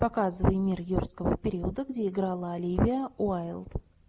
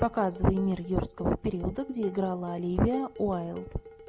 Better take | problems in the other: first | background sound (Dishes, pots, and pans); 15 dB below the speech

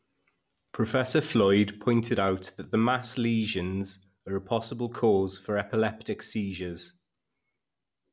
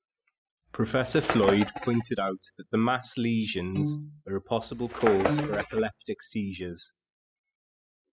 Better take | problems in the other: first | noise reduction (classical method spectral subtraction)

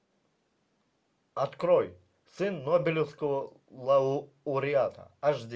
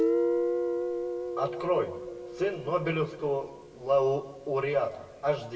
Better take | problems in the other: first | background sound (Guitar); 2 dB below the speech // room echo; dies away in 0.9 s

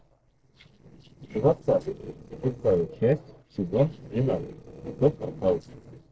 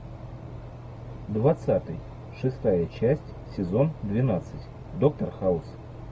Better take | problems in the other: second | noise reduction (neural separator model SepFormer DNS4)

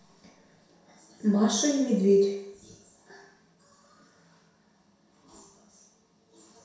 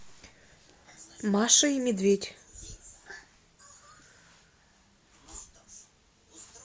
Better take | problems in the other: second | room echo; dies away in 0.7 s

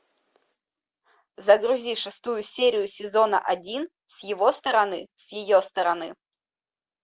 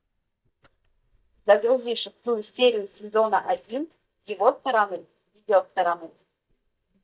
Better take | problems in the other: first | noise reduction (neural mask model DeepFilterNet 3)

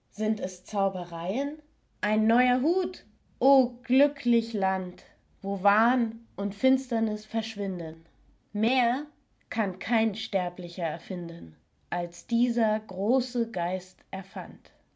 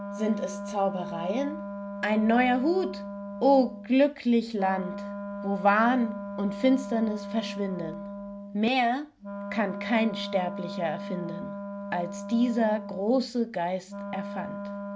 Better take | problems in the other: first | background sound (Wind instrument, woodwind instrument); 9 dB below the speech

